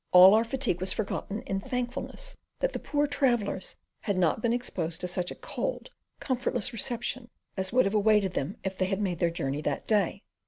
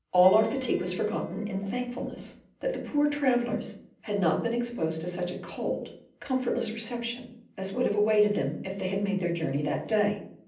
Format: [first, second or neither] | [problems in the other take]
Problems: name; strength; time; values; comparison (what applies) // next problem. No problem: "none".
first | background sound (Wind instrument, woodwind instrument); 17 dB below the speech // room echo; dies away in 0.6 s